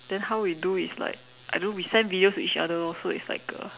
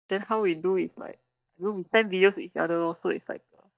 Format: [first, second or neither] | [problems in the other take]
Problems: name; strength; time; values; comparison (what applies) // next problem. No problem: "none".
first | noise reduction (neural mask model DeepFilterNet 3)